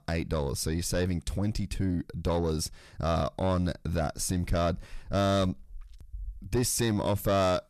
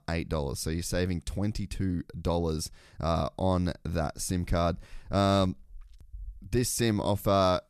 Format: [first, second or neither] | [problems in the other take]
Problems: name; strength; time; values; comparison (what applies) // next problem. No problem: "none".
second | distortion; slight; 10 dB below the speech